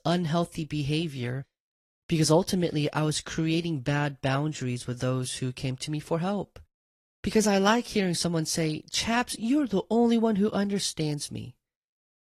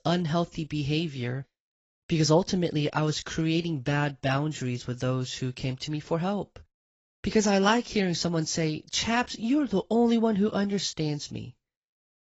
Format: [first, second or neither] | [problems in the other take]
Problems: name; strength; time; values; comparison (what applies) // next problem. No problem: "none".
first | garbled, watery; badly; nothing above 7.5 kHz; slightly in the first